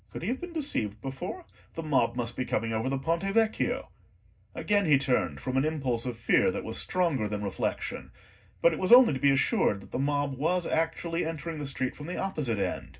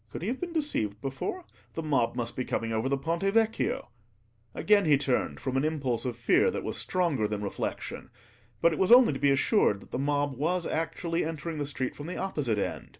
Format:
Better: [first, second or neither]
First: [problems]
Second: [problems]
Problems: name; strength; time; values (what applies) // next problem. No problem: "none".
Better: second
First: room echo; dies away in 0.4 s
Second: none